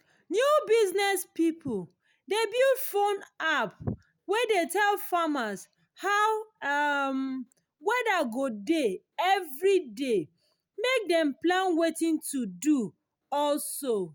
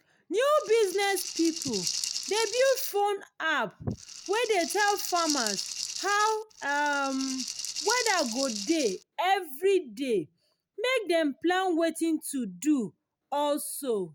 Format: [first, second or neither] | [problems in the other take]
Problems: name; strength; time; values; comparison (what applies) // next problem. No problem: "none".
first | background sound (Rattle (instrument)); 7 dB below the speech